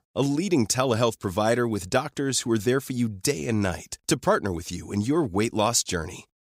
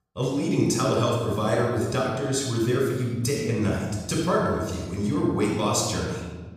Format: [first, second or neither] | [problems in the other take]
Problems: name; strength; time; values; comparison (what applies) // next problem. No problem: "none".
first | off-mic speech; somewhat distant // room echo; noticeable; dies away in 1.3 s